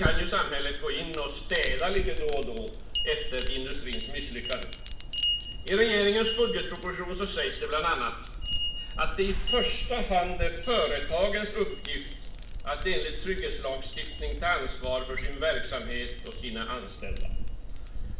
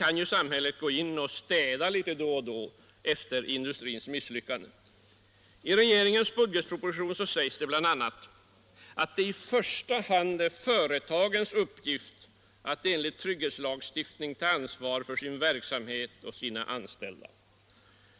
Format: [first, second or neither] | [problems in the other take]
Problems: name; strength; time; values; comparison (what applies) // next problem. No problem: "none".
second | background sound (Chime); 1 dB below the speech // room echo; dies away in 0.7 s